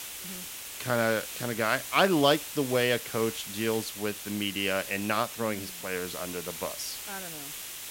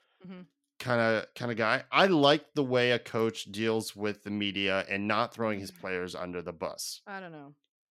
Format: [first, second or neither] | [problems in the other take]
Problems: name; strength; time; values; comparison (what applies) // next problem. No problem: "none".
second | hiss; loud; throughout; 8 dB below the speech